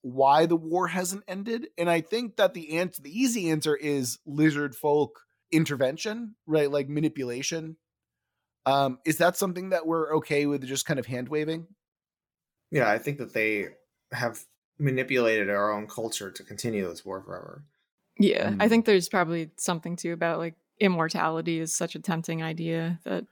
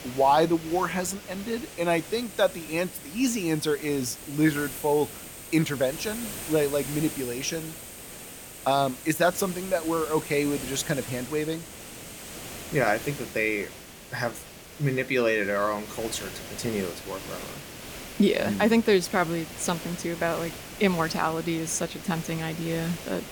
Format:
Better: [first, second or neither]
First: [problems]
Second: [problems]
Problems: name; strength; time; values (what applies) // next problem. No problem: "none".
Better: first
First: none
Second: hiss; noticeable; throughout; 10 dB below the speech